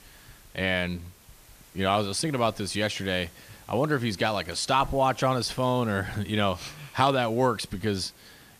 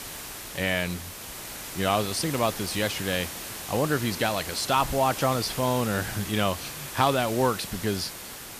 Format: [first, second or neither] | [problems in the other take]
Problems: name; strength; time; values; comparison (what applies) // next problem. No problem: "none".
first | hiss; loud; throughout; 8 dB below the speech; faint in the first